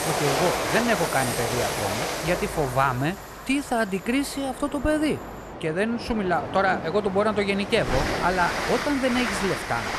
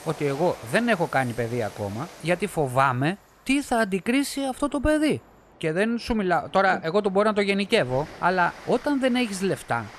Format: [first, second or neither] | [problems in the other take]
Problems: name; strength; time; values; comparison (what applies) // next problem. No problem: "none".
second | train or aircraft noise; loud; throughout; 4 dB below the speech; faint in the second